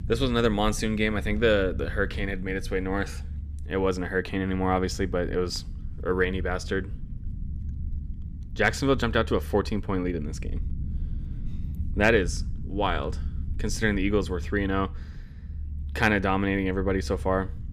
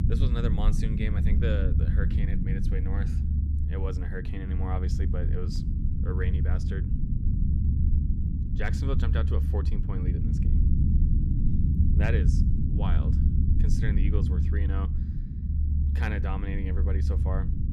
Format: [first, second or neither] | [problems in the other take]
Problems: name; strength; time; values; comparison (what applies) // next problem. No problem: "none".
first | low rumble; loud; throughout; 2 dB below the speech; faint in the first